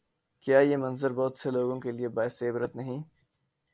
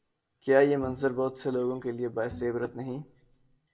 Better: first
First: none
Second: background sound (Bowed string instrument); 19 dB below the speech // room echo; dies away in 0.3 s

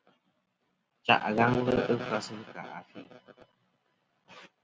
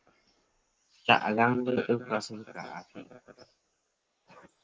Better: first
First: none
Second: noise reduction (neural mask model Resemble Enhance denoiser)

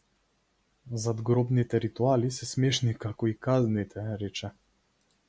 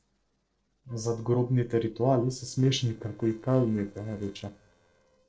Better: first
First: none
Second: noise reduction (neural separator model SepFormer DNS4)

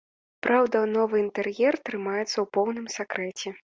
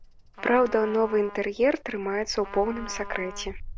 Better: first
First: none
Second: background sound (Trumpet + Bird vocalization, bird call, bird song); 13 dB below the speech

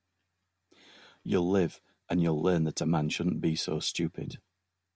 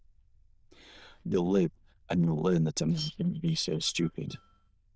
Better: first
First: none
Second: noise reduction (neural diffusion model UNIVERSE++)

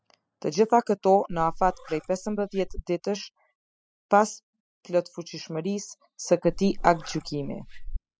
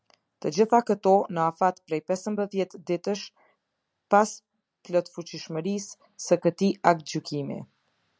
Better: second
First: noise reduction (classical method spectral subtraction)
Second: none

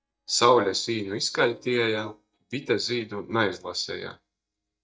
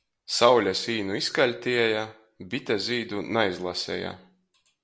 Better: second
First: noise reduction (neural mask model DeepFilterNet 3)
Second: none

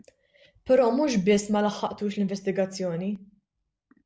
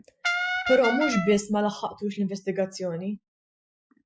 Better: first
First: none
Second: noise reduction (classical method Wiener filter)

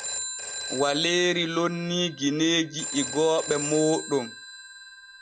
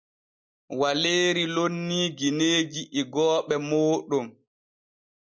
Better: second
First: background sound (Telephone); 8 dB below the speech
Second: none

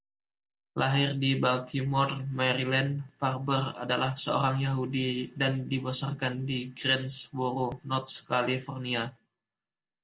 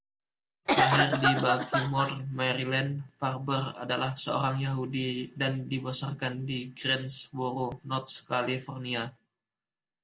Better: first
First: none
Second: background sound (Cough); 4 dB above the speech

